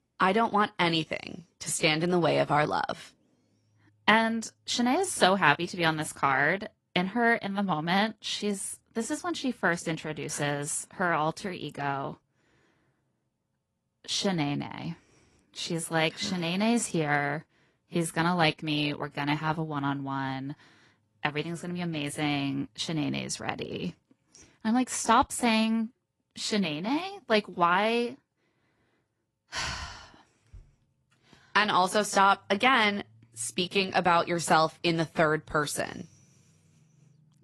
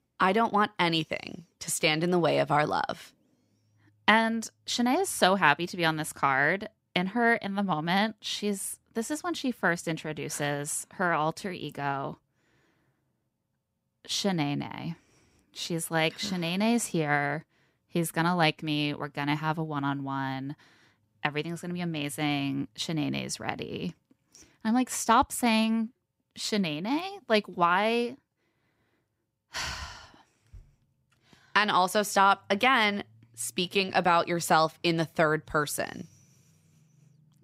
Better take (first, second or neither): second